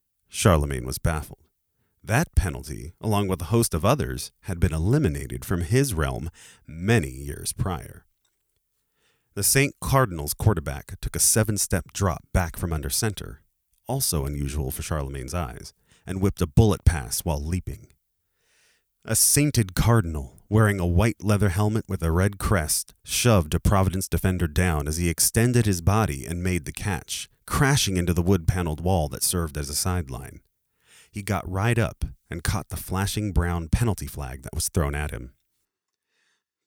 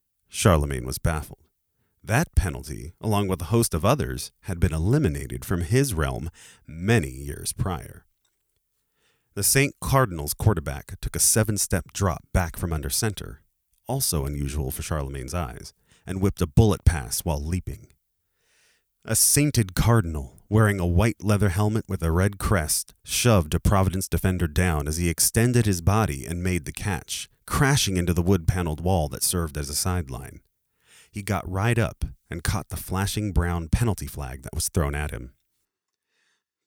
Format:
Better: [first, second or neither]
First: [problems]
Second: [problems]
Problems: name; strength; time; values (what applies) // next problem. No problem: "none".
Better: neither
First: none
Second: none